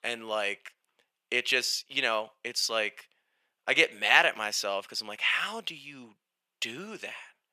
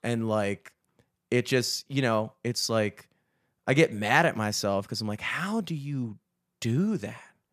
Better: second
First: thin; very; fading below 550 Hz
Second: none

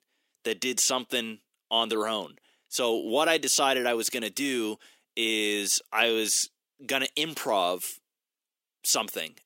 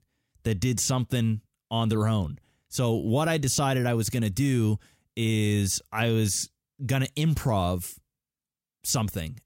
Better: second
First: thin; very; fading below 300 Hz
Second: none

